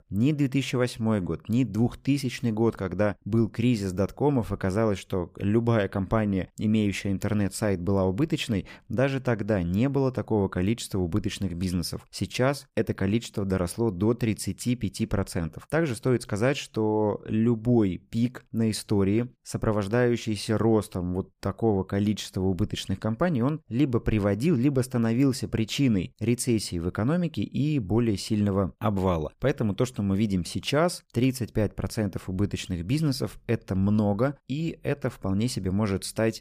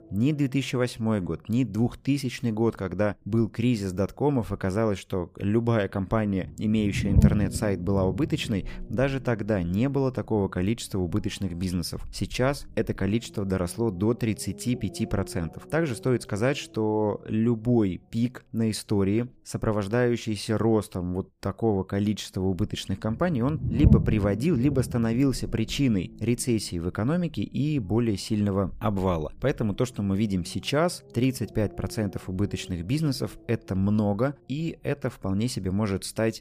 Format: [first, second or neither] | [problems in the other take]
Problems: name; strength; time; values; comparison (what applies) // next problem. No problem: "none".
first | low rumble; noticeable; throughout; 10 dB below the speech